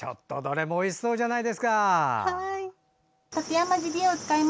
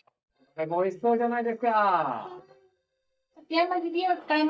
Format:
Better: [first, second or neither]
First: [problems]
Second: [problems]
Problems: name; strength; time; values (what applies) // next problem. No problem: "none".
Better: first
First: none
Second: noise reduction (neural mask model DeepFilterNet 3)